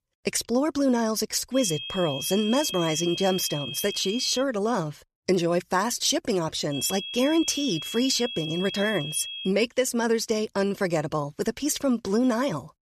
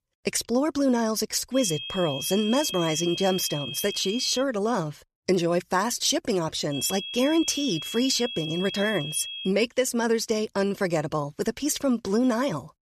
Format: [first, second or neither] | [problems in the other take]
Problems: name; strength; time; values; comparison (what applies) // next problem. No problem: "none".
neither | high-pitched whine; loud; from 1.5 to 4.5 s and from 6.5 to 9.5 s; 3 kHz, 7 dB below the speech; the same in both